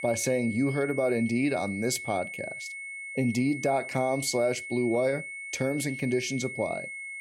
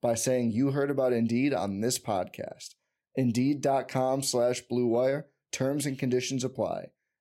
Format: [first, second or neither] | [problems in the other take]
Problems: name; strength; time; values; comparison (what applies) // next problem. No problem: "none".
second | high-pitched whine; loud; throughout; 2 kHz, 8 dB below the speech